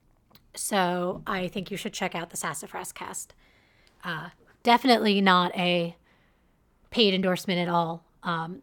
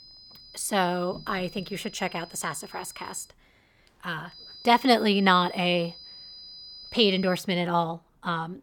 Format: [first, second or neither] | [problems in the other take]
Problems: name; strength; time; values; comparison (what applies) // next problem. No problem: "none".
first | high-pitched whine; noticeable; until 3.5 s and from 4.5 to 7.5 s; 5 kHz, 20 dB below the speech